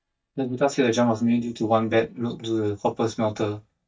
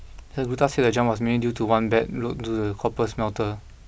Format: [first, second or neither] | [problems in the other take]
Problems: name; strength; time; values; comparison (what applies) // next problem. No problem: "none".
second | noise reduction (neural mask model DeepFilterNet 3)